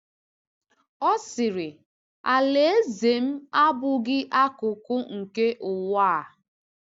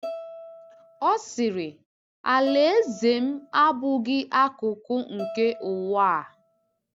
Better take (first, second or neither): first